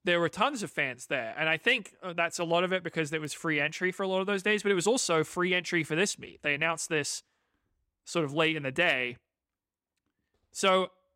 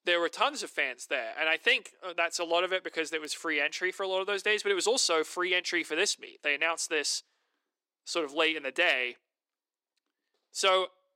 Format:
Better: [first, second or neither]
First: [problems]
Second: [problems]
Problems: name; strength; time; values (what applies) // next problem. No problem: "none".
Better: first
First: none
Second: thin; somewhat; fading below 350 Hz